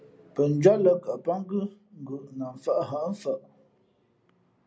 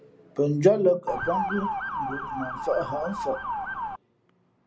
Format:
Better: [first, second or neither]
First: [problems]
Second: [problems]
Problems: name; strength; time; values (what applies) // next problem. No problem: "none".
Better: first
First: none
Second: background sound (Motor vehicle (road) / Siren); 4 dB below the speech